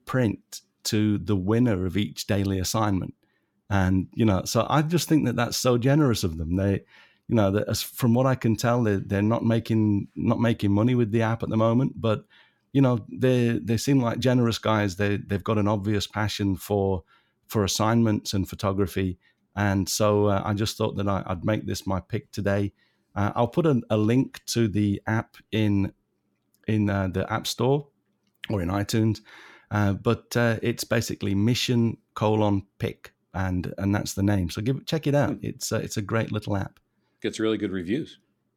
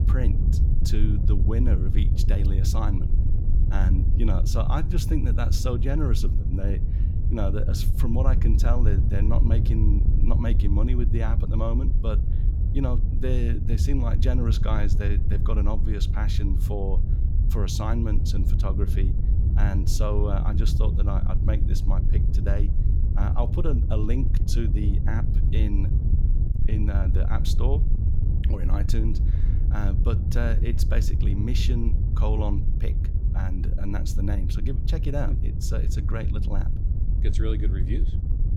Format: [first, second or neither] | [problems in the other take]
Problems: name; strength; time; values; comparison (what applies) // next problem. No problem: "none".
first | wind noise on the microphone; heavy; 5 dB below the speech